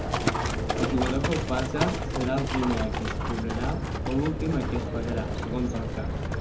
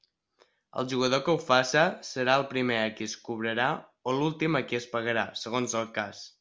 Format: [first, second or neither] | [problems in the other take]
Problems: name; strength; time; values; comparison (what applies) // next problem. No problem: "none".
second | background sound (Livestock, farm animals, working animals); 2 dB above the speech // room echo; dies away in 0.3 s